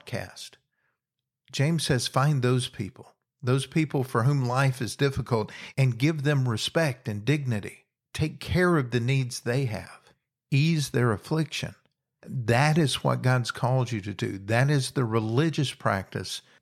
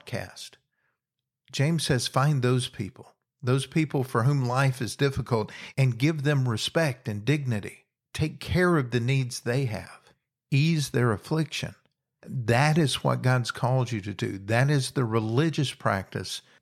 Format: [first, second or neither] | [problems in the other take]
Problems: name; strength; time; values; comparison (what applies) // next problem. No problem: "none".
neither | none